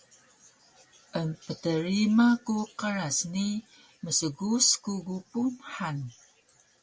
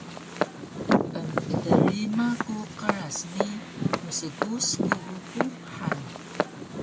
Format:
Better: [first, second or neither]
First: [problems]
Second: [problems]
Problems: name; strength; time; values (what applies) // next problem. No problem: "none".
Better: first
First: none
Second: background sound (Walk, footsteps); 5 dB above the speech